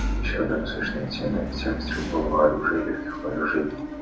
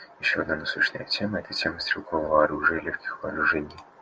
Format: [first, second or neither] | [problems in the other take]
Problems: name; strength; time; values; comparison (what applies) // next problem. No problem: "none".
second | background sound (Engine / Mechanisms); 4 dB below the speech // room echo; dies away in 0.6 s